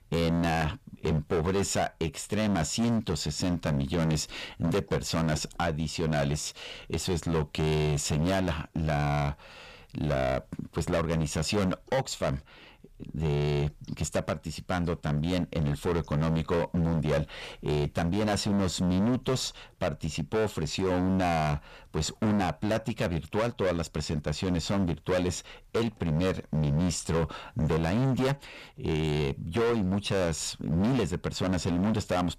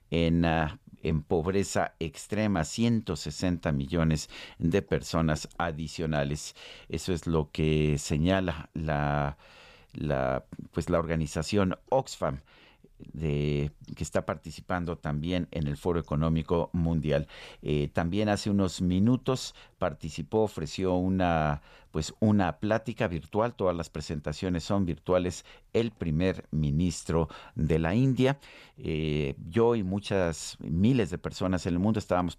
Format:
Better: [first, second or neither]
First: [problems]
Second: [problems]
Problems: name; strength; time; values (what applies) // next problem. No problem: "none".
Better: second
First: distortion; heavy; 18% of the sound clipped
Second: none